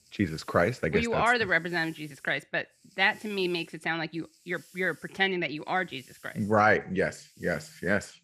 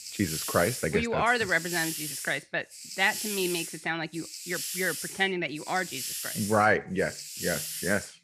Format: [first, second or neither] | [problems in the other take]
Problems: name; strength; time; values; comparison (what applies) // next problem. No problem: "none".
first | hiss; loud; throughout; 6 dB below the speech; faint in the first